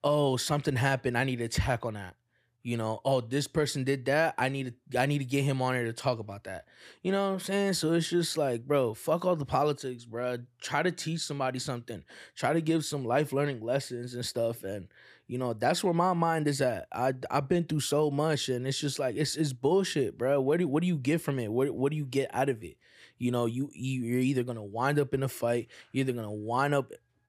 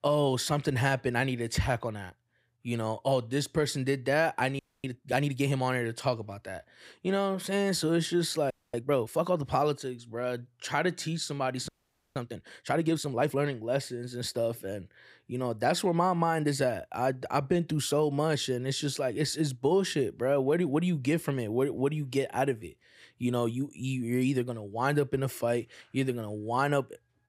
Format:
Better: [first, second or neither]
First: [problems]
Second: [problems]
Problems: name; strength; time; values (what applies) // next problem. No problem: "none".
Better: first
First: none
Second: audio freezing; at 4.5 s, at 8.5 s and at 12 s